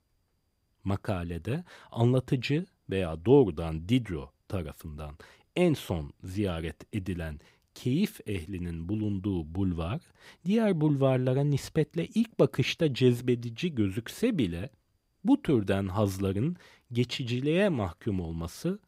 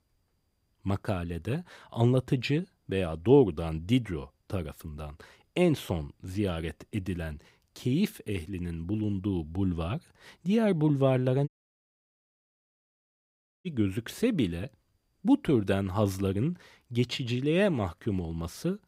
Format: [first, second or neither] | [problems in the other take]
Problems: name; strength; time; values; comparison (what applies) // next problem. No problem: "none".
first | audio cutting out; at 11 s for 2 s